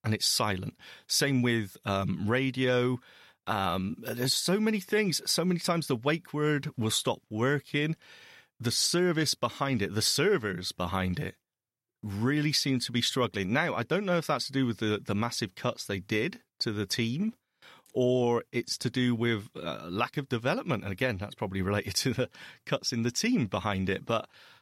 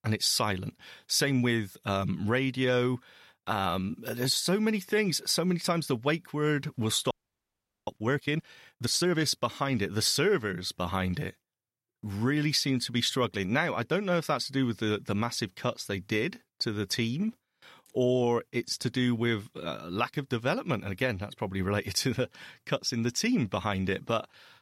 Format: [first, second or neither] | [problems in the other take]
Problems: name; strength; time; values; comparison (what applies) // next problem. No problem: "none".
first | audio freezing; at 7 s for 1 s